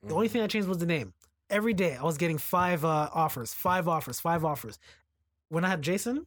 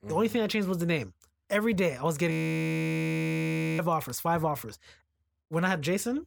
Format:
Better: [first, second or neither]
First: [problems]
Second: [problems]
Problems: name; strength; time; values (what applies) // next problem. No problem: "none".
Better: first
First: none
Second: audio freezing; at 2.5 s for 1.5 s